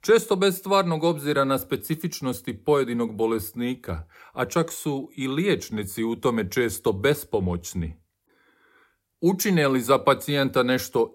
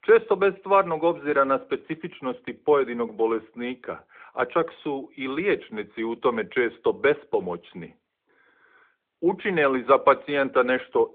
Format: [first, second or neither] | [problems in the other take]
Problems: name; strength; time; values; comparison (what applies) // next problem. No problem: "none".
first | phone-call audio